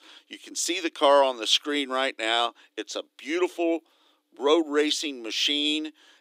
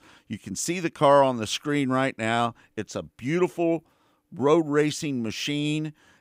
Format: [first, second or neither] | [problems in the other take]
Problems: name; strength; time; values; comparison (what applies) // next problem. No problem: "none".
second | thin; very slightly; fading below 300 Hz